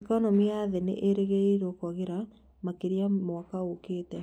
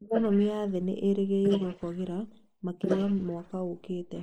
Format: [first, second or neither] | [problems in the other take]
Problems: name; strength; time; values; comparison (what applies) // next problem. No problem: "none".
first | noise reduction (neural mask model Resemble Enhance denoiser)